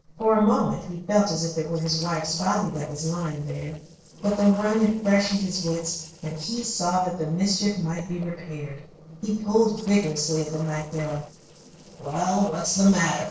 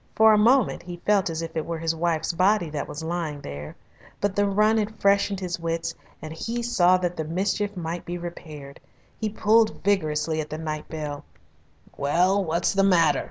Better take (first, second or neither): second